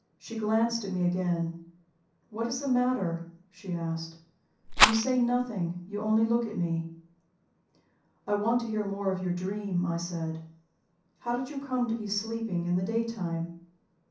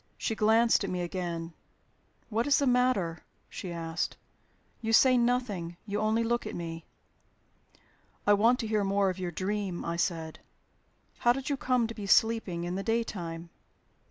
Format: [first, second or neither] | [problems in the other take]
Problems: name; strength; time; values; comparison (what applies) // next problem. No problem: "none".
second | background sound (Rattle); 5 dB above the speech // room echo; dies away in 0.6 s